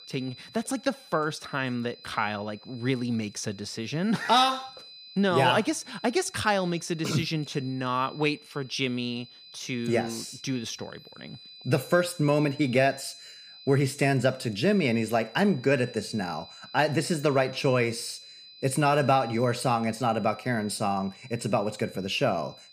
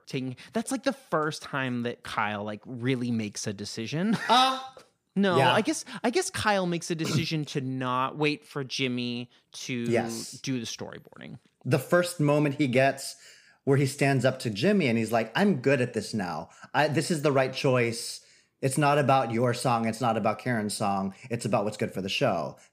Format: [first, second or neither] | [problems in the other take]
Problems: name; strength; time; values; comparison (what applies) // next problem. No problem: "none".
second | high-pitched whine; noticeable; throughout; 4 kHz, 20 dB below the speech